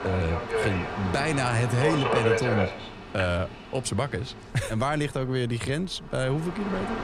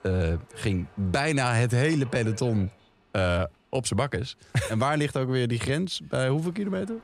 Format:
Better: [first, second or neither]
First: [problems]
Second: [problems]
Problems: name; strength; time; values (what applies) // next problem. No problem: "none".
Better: second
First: train or aircraft noise; loud; throughout; 1 dB below the speech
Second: train or aircraft noise; faint; throughout; 25 dB below the speech